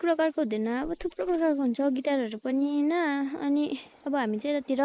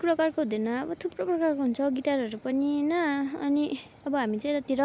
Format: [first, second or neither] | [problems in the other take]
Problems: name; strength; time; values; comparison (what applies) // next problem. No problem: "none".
second | noise reduction (neural mask model Resemble Enhance denoiser)